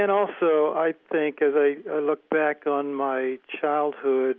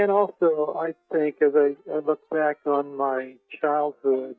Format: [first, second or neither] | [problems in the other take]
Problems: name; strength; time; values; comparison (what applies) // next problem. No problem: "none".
first | noise reduction (neural mask model DeepFilterNet 3)